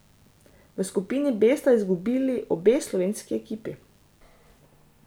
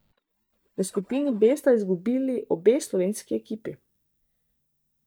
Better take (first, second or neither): first